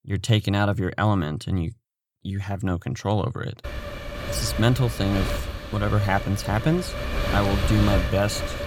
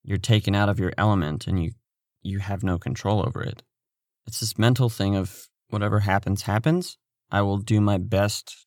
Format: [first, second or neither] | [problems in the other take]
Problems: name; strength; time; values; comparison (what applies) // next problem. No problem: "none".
second | wind noise on the microphone; heavy; from 3.5 s on; 4 dB below the speech